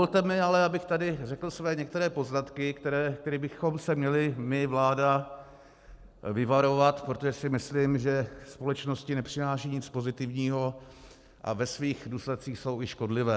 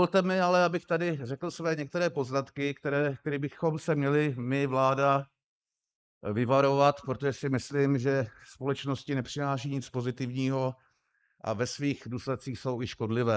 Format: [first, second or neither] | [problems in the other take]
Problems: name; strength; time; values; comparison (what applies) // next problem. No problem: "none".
first | noise reduction (neural mask model Resemble Enhance denoiser)